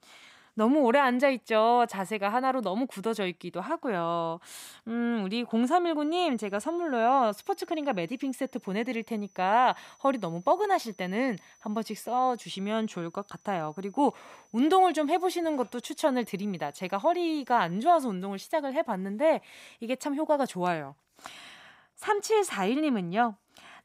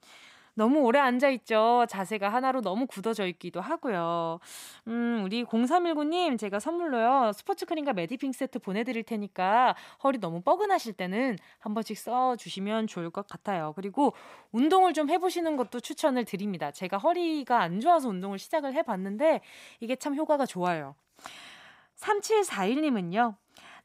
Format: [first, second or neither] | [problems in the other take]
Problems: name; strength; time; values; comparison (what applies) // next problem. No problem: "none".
second | high-pitched whine; faint; from 6 to 18 s; 6 kHz, 35 dB below the speech